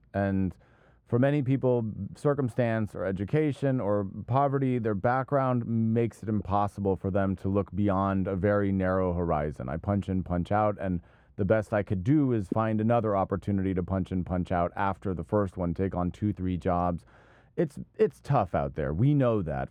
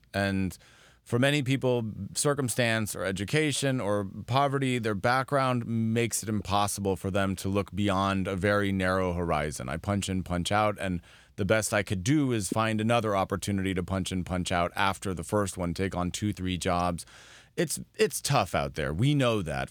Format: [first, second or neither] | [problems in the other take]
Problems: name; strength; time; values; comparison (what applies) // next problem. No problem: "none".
second | muffled; very; fading above 2.5 kHz